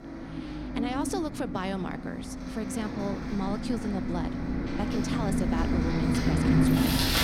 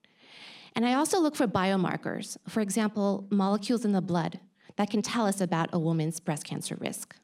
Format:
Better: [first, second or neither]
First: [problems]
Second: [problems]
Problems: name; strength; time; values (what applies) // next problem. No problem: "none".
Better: second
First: traffic noise; very loud; throughout; 5 dB above the speech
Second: none